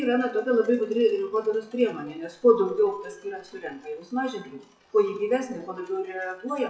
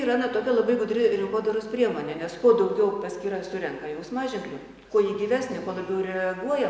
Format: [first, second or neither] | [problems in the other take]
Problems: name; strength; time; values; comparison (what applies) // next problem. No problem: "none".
second | noise reduction (classical method WPE with log-MMSE)